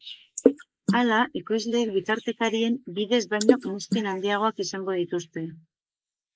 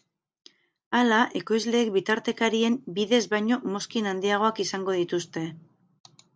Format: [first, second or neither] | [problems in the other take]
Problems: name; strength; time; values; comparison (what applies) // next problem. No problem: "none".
second | noise reduction (neural mask model Resemble Enhance denoiser)